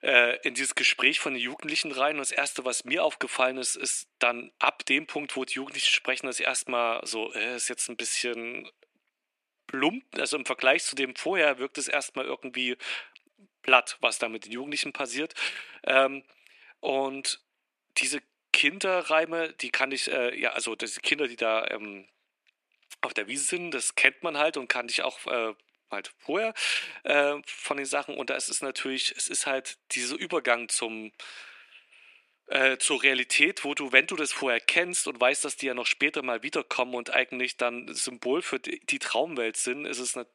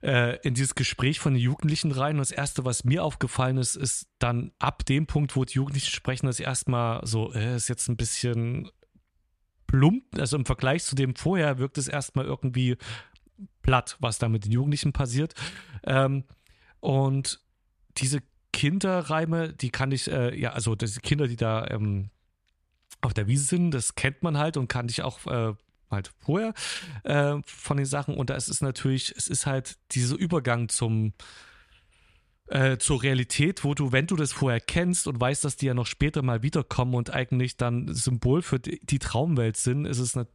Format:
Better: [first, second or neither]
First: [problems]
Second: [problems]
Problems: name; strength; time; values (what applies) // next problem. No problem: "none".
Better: second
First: thin; very; fading below 300 Hz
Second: none